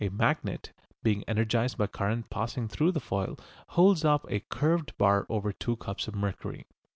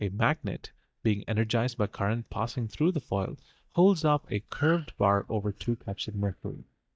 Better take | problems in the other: first | noise reduction (neural mask model DeepFilterNet 3)

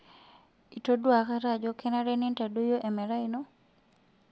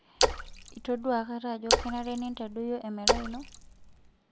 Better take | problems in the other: first | background sound (Splash, splatter); 3 dB above the speech

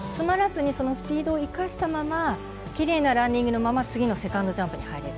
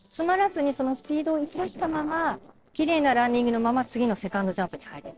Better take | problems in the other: first | noise reduction (neural separator model SepFormer DNS4)

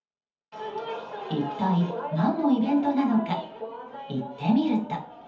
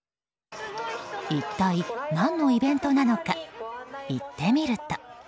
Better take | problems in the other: second | room echo; dies away in 0.7 s

